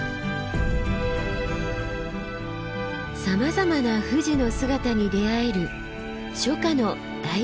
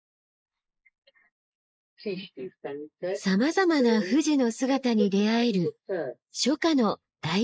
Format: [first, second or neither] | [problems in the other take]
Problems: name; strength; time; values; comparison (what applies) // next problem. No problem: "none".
first | noise reduction (neural mask model Resemble Enhance denoiser)